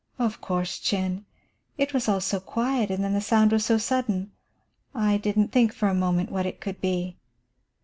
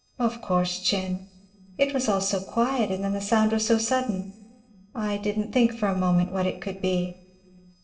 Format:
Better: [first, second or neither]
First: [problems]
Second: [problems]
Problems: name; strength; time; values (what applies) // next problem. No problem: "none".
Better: first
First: none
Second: noise reduction (neural separator model SepFormer DNS4)